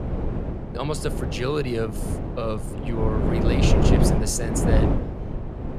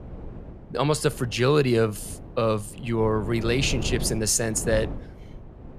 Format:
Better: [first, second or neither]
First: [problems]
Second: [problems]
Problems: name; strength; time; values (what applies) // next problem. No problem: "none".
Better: second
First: wind noise on the microphone; heavy; as loud as the speech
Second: wind noise on the microphone; occasional gusts; 15 dB below the speech